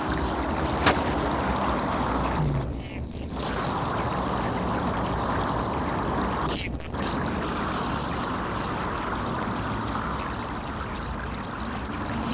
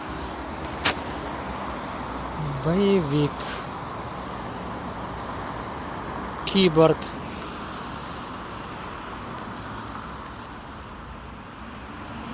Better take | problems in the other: second | noise reduction (neural separator model SepFormer DNS4)

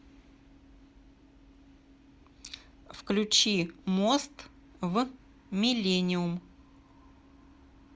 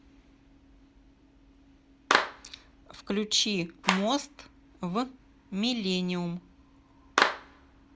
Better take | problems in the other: first | background sound (Clapping); 1 dB below the speech

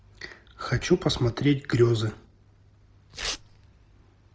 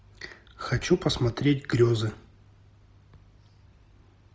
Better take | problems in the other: second | noise reduction (neural separator model SepFormer DNS4)

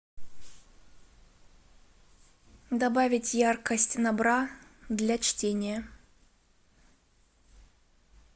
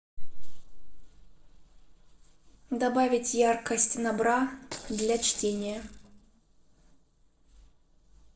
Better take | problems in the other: first | noise reduction (neural separator model SepFormer DNS4)

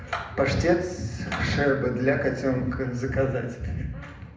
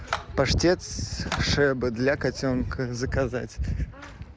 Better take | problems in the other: second | room echo; dies away in 0.7 s

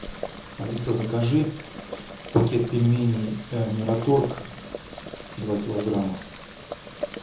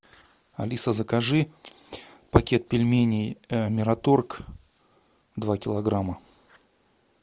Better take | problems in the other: second | background sound (Boiling); 12 dB below the speech // room echo; dies away in 0.8 s

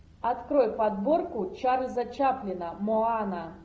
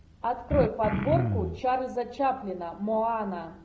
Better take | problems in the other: first | background sound (Cough); 1 dB below the speech

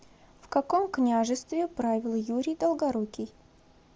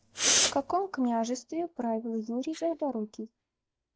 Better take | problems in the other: first | noise reduction (neural mask model DeepFilterNet 3)

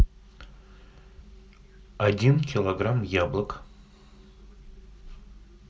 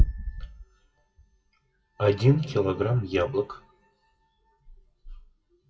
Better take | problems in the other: first | noise reduction (classical method WPE with log-MMSE)

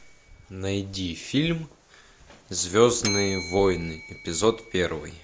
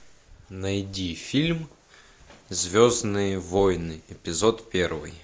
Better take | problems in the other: second | background sound (Bell); 13 dB below the speech

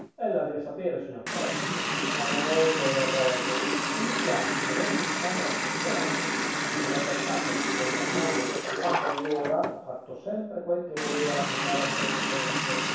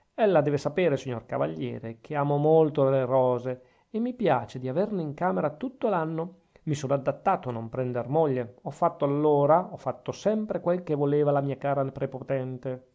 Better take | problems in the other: second | background sound (Water tap, faucet); 2 dB above the speech // room echo; dies away in 0.7 s

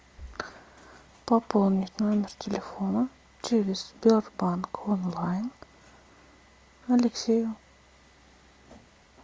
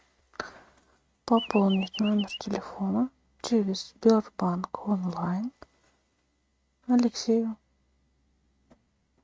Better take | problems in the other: first | noise reduction (neural mask model RNNoise)

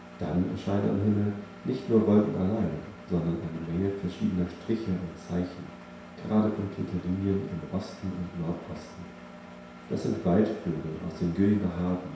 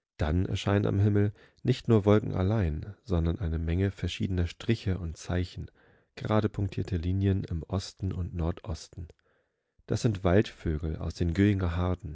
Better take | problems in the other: second | background sound (Engine); 16 dB below the speech // room echo; dies away in 0.7 s

